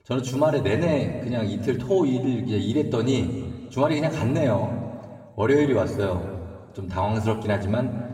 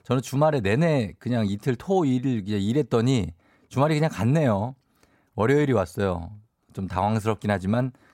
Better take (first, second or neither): second